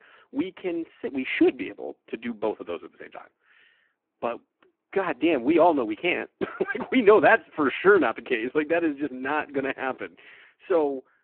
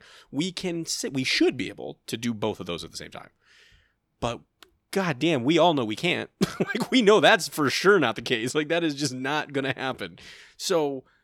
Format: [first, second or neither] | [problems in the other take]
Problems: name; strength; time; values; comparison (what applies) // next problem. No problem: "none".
second | phone-call audio; poor line